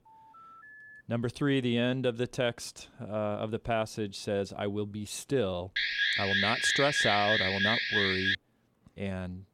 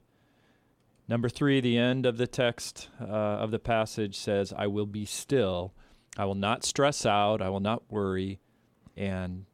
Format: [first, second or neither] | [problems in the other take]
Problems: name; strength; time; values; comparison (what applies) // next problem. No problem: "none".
second | phone ringing; faint; at the start; peak 15 dB below the speech // alarm; loud; from 6 to 8.5 s; peak 6 dB above the speech